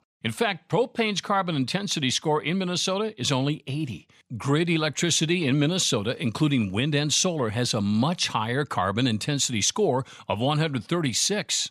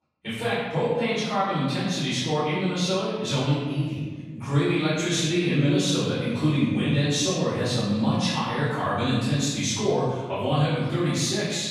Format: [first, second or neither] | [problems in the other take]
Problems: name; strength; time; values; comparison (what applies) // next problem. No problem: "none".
first | off-mic speech; far // room echo; strong; dies away in 1.4 s